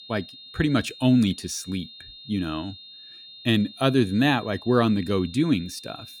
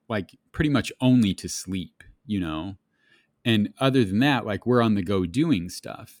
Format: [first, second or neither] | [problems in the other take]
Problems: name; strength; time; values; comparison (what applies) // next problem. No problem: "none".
second | high-pitched whine; noticeable; throughout; 3.5 kHz, 20 dB below the speech